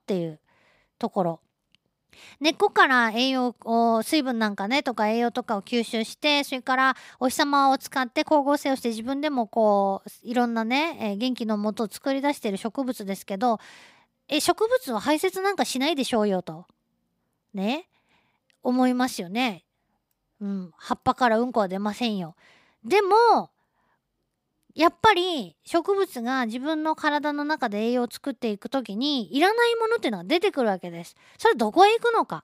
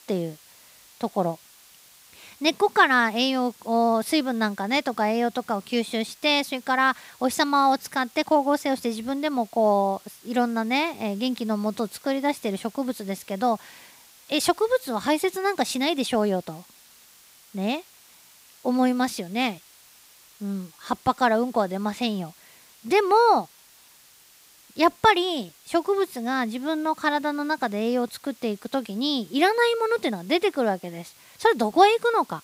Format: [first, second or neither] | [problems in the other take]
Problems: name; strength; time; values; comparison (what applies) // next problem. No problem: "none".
first | hiss; faint; throughout; 25 dB below the speech